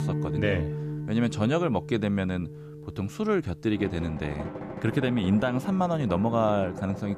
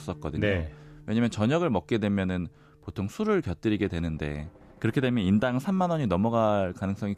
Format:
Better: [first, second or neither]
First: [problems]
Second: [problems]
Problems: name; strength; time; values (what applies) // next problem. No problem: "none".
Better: second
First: background music; loud; throughout; 9 dB below the speech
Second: background music; faint; throughout; 25 dB below the speech